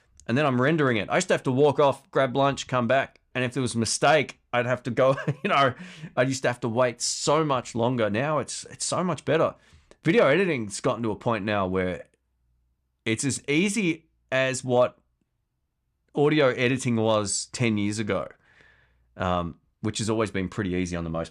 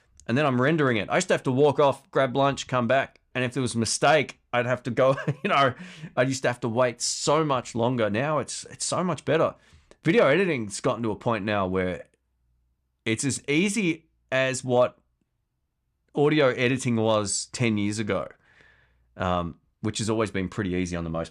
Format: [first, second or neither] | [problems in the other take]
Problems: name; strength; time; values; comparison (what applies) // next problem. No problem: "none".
neither | none